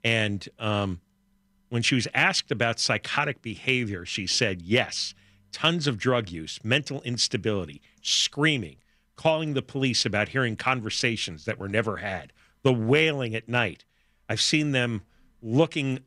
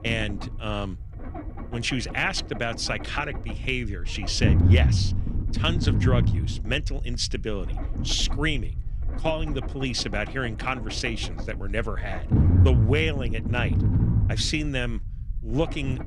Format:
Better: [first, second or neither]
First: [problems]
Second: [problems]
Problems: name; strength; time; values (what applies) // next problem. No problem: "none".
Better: first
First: none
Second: low rumble; loud; throughout; 9 dB below the speech